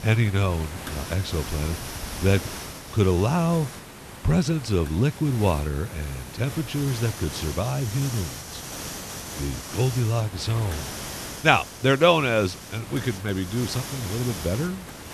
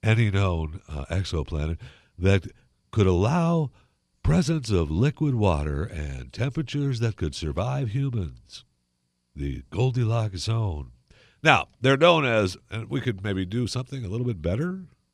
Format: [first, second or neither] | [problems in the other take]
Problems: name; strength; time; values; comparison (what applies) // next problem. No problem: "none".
second | hiss; noticeable; throughout; 10 dB below the speech